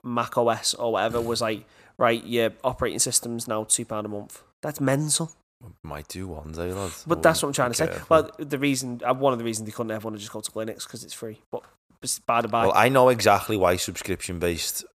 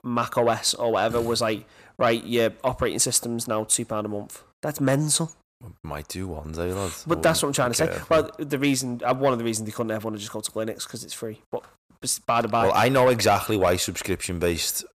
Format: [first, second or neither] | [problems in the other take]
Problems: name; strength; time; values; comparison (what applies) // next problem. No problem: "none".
first | distortion; slight; 10 dB below the speech